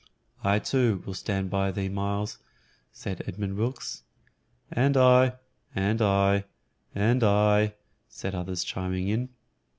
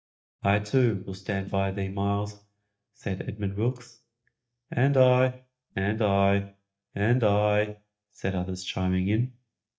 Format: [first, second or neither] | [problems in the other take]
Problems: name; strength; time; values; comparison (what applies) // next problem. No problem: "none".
first | noise reduction (neural mask model DeepFilterNet 3)